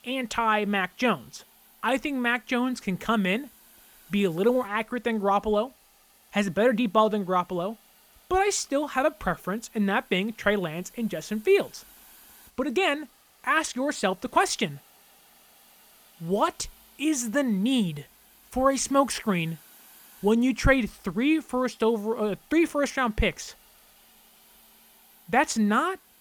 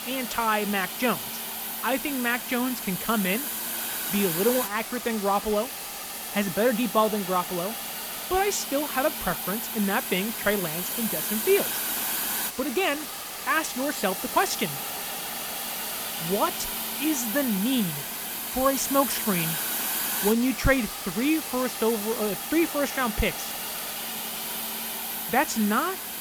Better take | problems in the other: first | hiss; loud; throughout; 3 dB below the speech; faint in the first

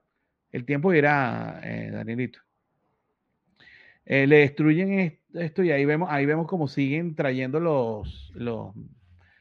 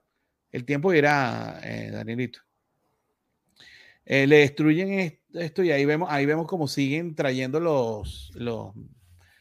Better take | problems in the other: second | muffled; slightly; fading above 2.5 kHz

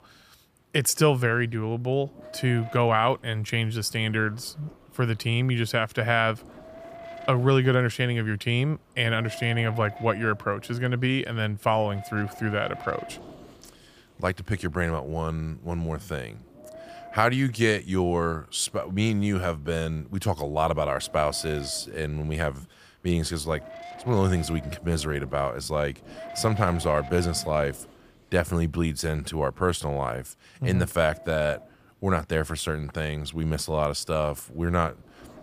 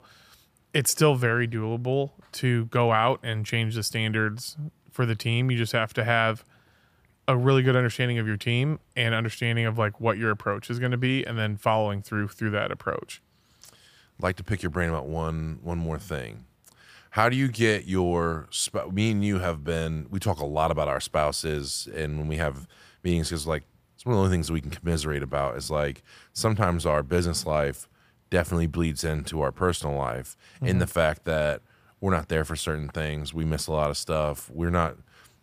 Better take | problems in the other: second | wind noise on the microphone; occasional gusts; 15 dB below the speech

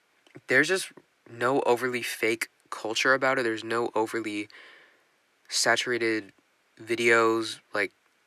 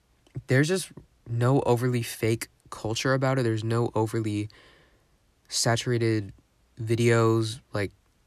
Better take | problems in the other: second | thin; very; fading below 350 Hz

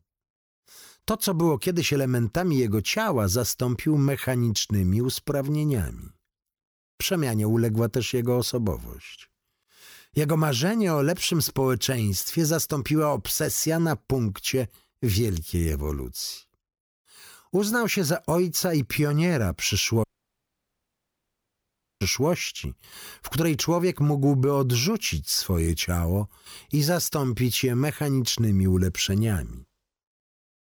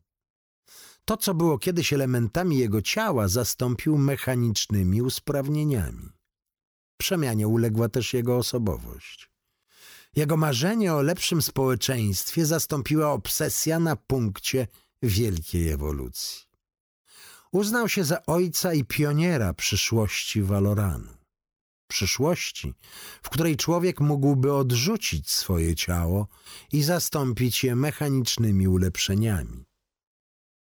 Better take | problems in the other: second | audio cutting out; at 20 s for 2 s

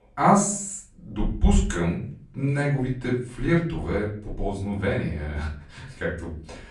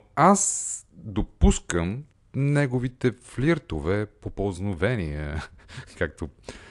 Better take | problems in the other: second | off-mic speech; far // room echo; slight; dies away in 0.4 s

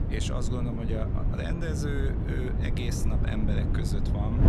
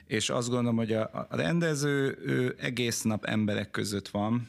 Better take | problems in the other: second | wind noise on the microphone; heavy; 2 dB below the speech

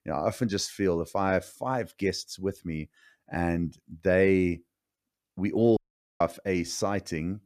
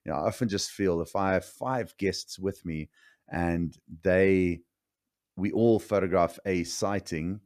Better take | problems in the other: second | audio cutting out; at 6 s

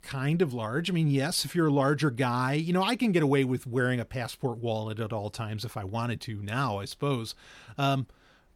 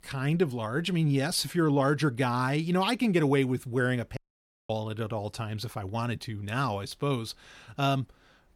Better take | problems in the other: first | audio cutting out; at 4 s for 0.5 s

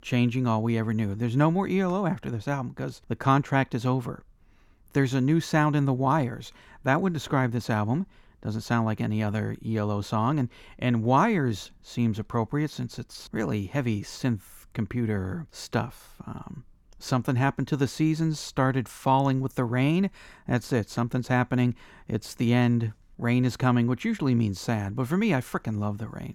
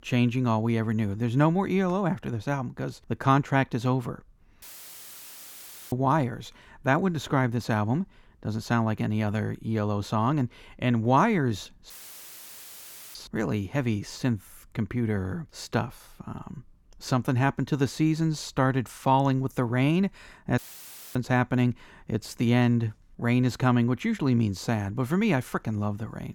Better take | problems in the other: first | audio cutting out; filled with static; at 4.5 s for 1.5 s, at 12 s for 1.5 s and at 21 s for 0.5 s

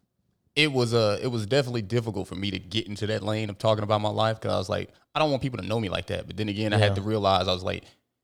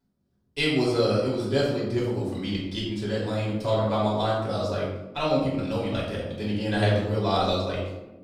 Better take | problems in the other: first | room echo; noticeable; dies away in 0.9 s // off-mic speech; far

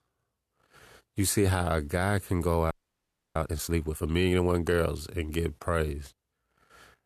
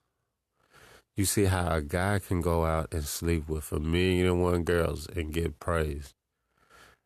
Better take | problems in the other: second | audio freezing; at 2.5 s for 0.5 s

